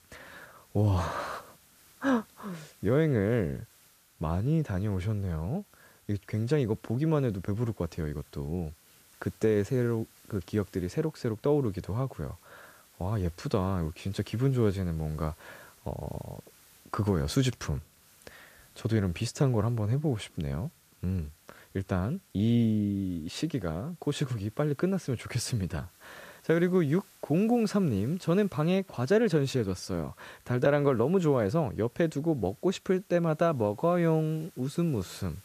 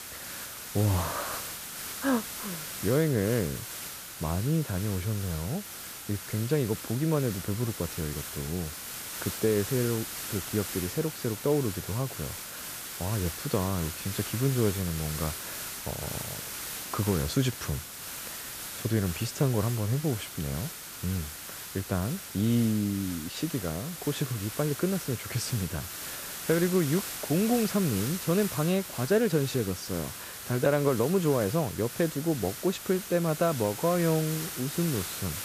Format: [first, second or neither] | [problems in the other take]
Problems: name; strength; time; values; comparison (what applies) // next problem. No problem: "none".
first | hiss; loud; throughout; 7 dB below the speech; faint in the first